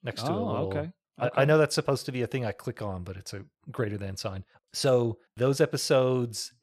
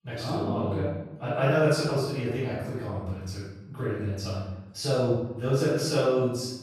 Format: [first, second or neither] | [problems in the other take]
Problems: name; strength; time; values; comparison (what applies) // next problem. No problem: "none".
first | room echo; strong; dies away in 0.8 s // off-mic speech; far